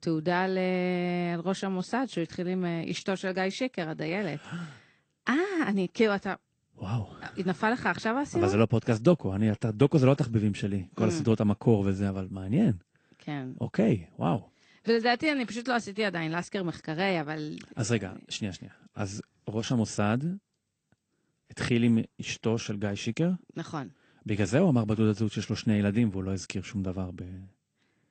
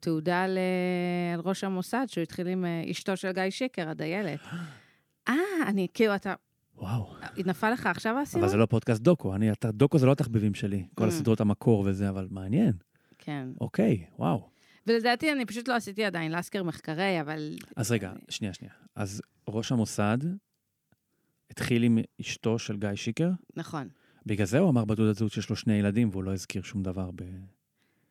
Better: second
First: garbled, watery; slightly; nothing above 8.5 kHz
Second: none

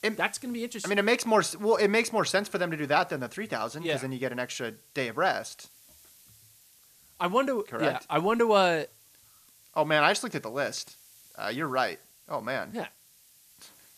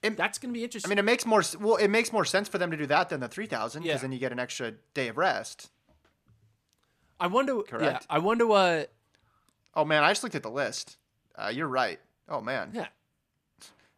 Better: second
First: hiss; faint; throughout; 25 dB below the speech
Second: none

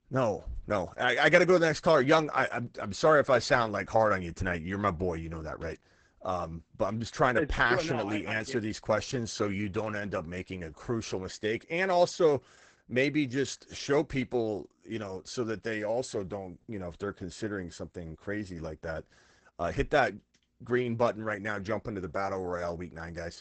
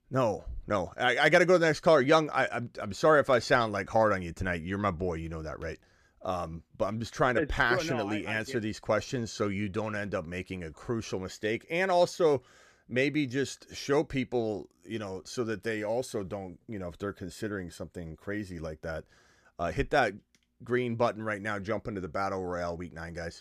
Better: second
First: garbled, watery; badly; nothing above 8 kHz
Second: none

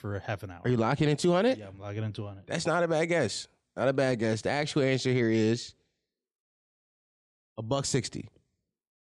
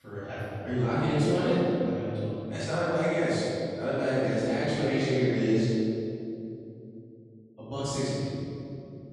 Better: first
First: none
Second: off-mic speech; far // room echo; strong; dies away in 2.8 s

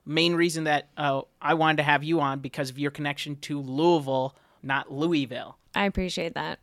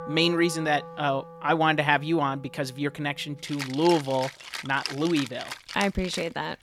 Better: first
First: none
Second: background music; noticeable; throughout; 10 dB below the speech

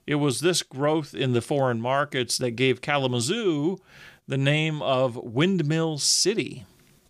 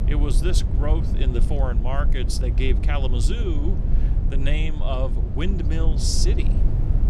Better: first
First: none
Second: low rumble; loud; throughout; 8 dB below the speech

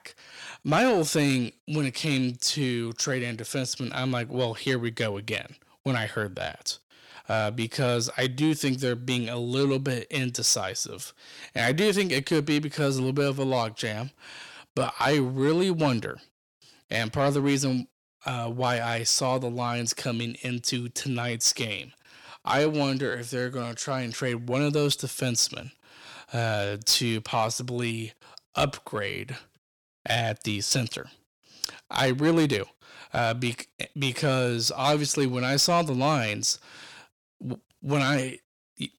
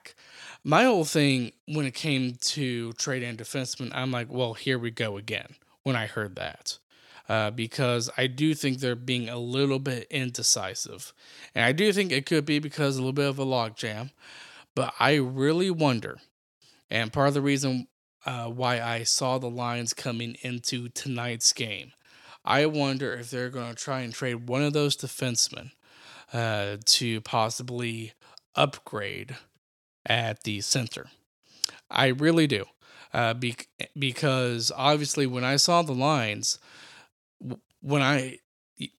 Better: second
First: distortion; slight; 10 dB below the speech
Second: none

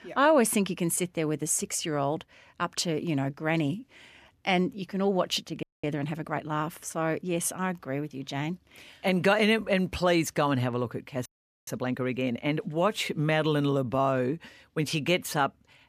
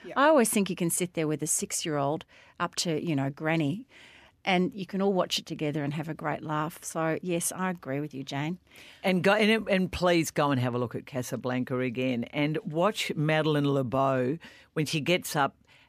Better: second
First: audio freezing; at 5.5 s and at 11 s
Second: none

